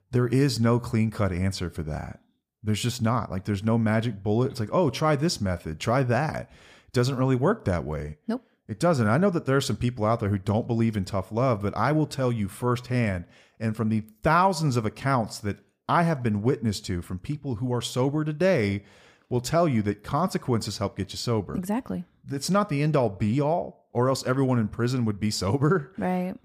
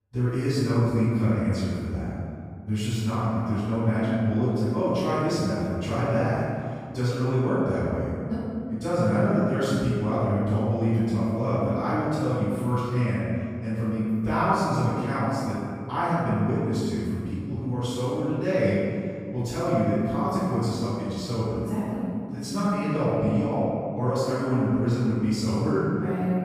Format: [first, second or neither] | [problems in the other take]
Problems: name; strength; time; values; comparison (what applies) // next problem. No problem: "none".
first | off-mic speech; far // room echo; strong; dies away in 2.1 s